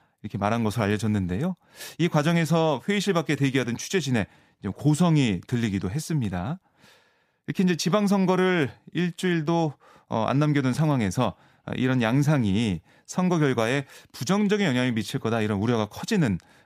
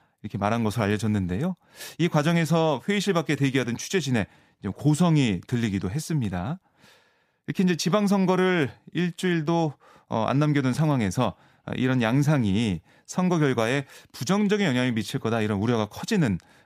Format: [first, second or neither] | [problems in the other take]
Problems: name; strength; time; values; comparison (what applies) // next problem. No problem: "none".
neither | none